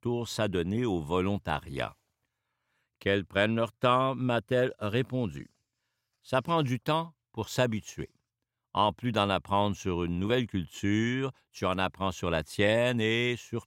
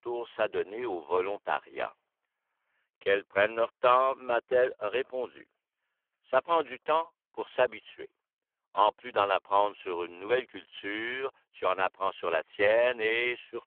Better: first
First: none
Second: phone-call audio; poor line

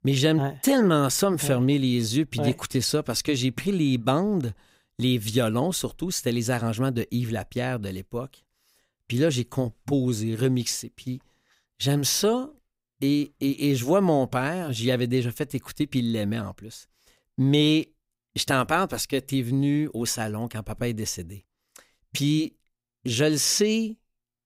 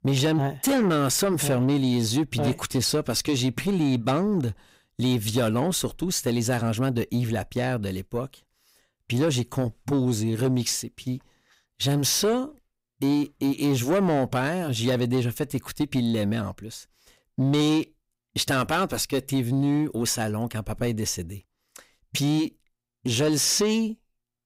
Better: first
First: none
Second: distortion; slight; 10 dB below the speech

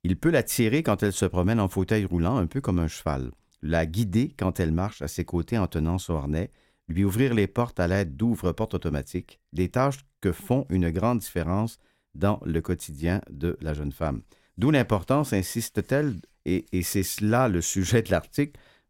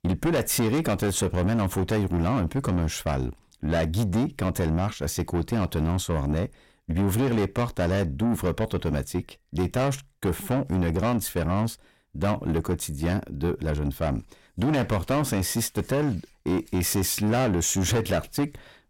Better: first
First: none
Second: distortion; heavy; 7 dB below the speech

